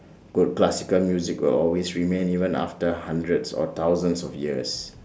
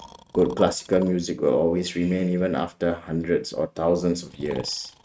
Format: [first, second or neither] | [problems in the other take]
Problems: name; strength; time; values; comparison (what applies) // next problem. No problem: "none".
first | noise reduction (neural mask model RNNoise)